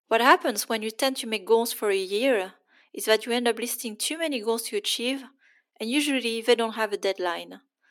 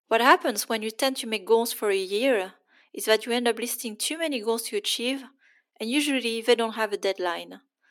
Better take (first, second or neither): neither